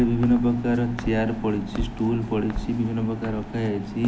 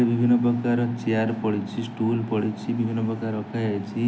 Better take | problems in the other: second | background sound (Walk, footsteps); 11 dB below the speech

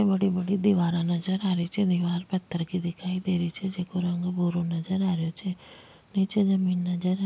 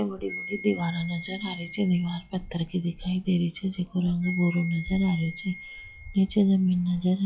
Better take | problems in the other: first | noise reduction (classical method log-MMSE)

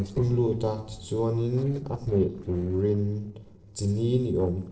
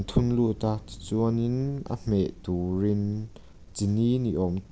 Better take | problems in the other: second | noise reduction (neural separator model SepFormer DNS4)

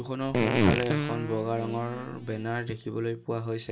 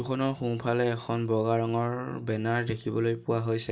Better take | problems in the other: second | background sound (Fart); 2 dB above the speech

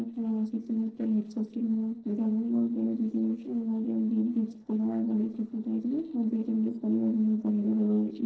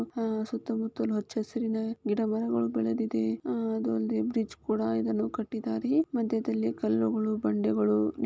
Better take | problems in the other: second | noise reduction (neural separator model SepFormer DNS4)

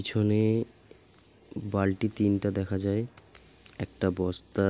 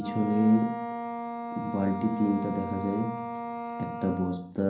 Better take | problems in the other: first | background sound (Wind instrument, woodwind instrument); 7 dB below the speech // room echo; dies away in 0.6 s

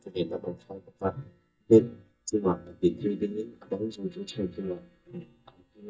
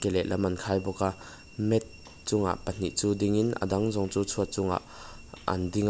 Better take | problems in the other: second | noise reduction (neural mask model DeepFilterNet 3)

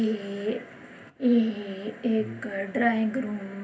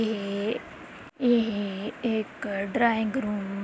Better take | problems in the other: second | background sound (Brass instrument); 15 dB below the speech // room echo; dies away in 0.3 s

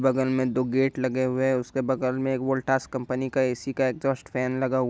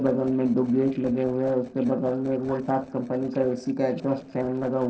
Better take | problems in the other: first | noise reduction (neural separator model SepFormer DNS4)

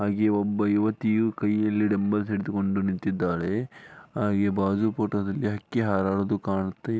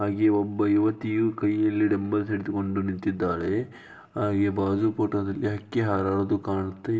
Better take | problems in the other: first | room echo; dies away in 0.7 s

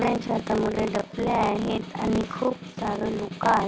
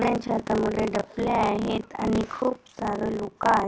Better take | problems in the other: second | background sound (Snare drum); 13 dB below the speech

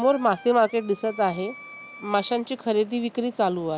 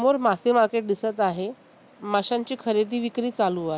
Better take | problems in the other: second | background sound (Wind instrument, woodwind instrument); 19 dB below the speech

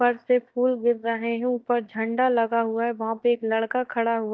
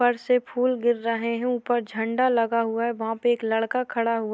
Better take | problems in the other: second | noise reduction (neural mask model DeepFilterNet 3)

